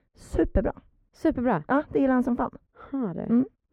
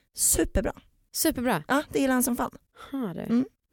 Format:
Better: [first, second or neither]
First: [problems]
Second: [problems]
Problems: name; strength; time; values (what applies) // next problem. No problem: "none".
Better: second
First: muffled; very; fading above 4 kHz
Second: none